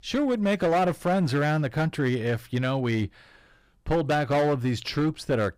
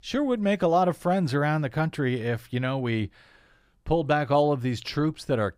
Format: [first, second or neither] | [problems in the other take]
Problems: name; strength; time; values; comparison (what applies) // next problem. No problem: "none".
second | distortion; slight; 10% of the sound clipped